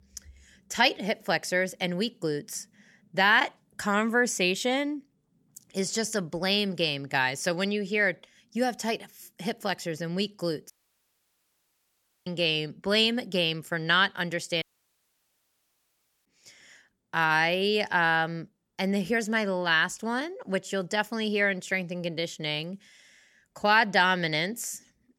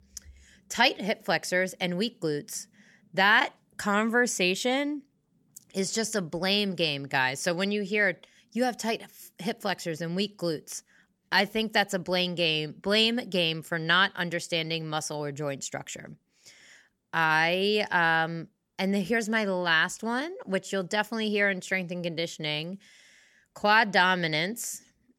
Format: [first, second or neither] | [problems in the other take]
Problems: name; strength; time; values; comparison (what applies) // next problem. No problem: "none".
second | audio cutting out; at 11 s for 1.5 s and at 15 s for 1.5 s